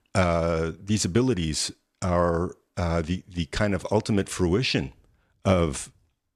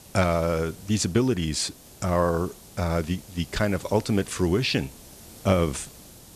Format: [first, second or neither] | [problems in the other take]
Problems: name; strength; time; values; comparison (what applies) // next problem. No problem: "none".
first | hiss; faint; throughout; 20 dB below the speech